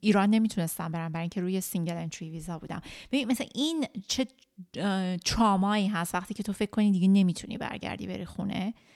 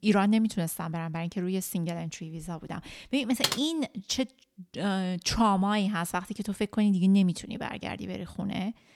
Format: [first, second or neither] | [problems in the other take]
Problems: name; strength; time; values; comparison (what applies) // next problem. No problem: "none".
first | keyboard typing; loud; at 3.5 s; peak 1 dB above the speech